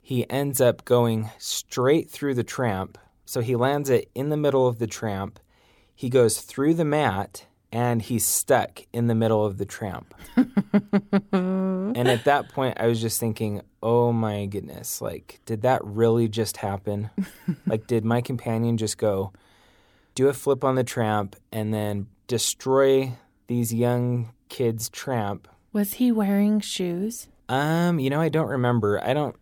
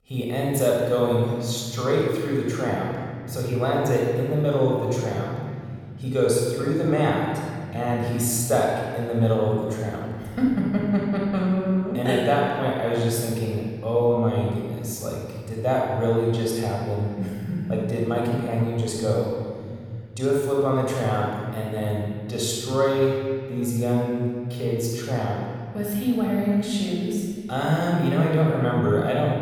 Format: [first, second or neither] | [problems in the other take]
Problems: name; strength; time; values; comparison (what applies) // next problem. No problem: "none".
first | off-mic speech; far // room echo; strong; dies away in 2.8 s